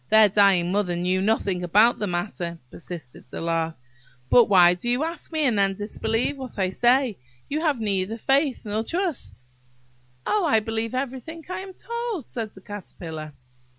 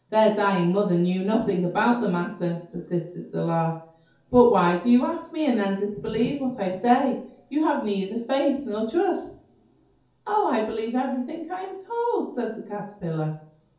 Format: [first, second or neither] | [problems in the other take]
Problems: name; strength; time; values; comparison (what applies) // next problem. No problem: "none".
first | room echo; dies away in 0.6 s